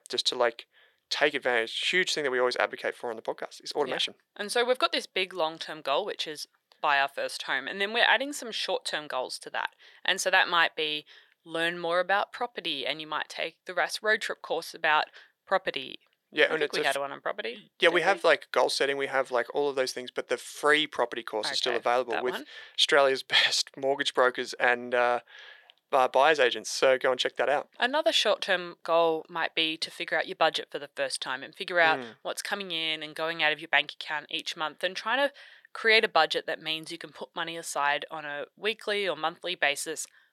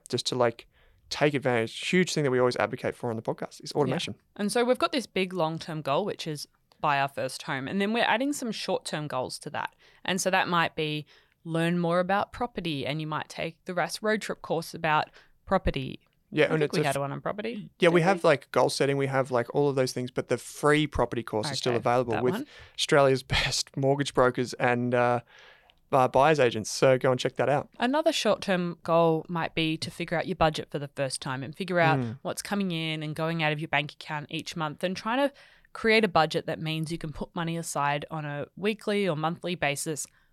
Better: second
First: thin; somewhat; fading below 450 Hz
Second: none

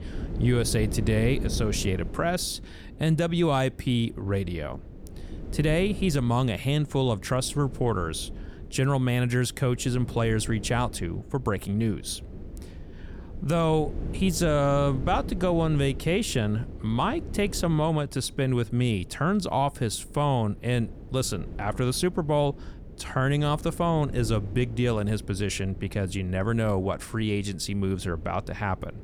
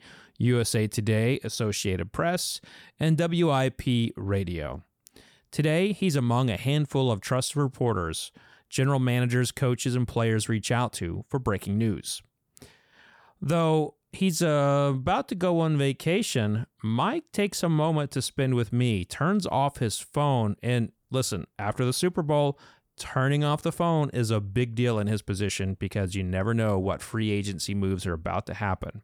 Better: second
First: wind noise on the microphone; occasional gusts; 20 dB below the speech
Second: none

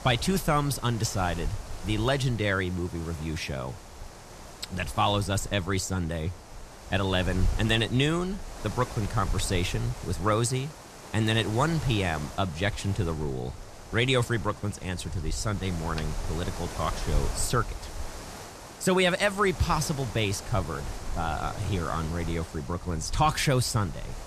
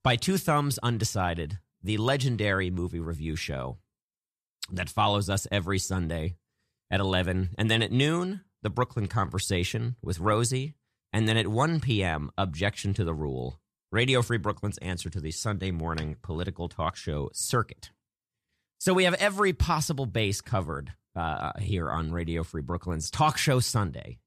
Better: second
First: wind noise on the microphone; occasional gusts; 15 dB below the speech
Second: none

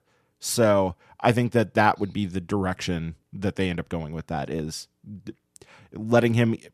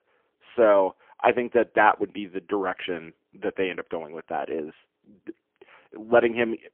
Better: first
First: none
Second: phone-call audio; poor line; nothing above 3 kHz

